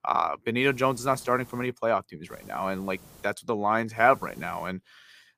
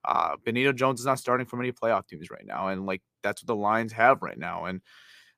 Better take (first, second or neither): second